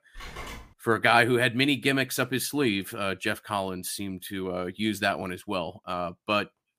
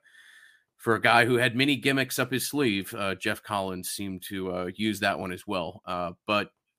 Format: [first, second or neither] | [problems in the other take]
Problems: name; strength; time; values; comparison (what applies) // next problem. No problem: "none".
second | phone ringing; faint; at the start; peak 15 dB below the speech